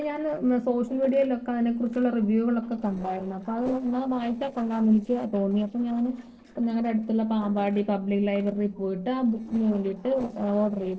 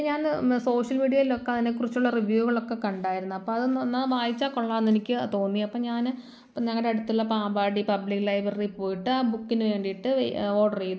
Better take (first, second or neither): second